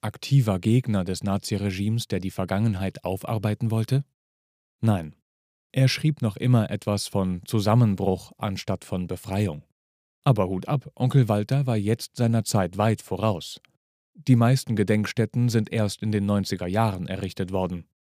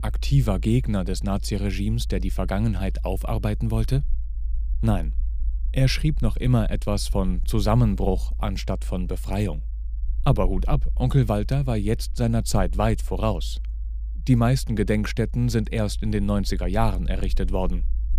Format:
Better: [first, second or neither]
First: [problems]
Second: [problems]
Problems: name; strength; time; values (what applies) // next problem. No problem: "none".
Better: first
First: none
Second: low rumble; faint; throughout; 25 dB below the speech